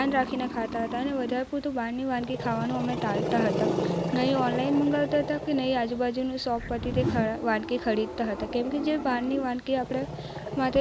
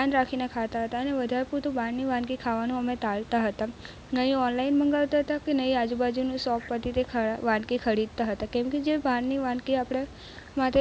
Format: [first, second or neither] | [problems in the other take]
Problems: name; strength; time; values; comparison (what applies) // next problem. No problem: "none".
second | background sound (Growling + Whoosh, swoosh, swish); 5 dB below the speech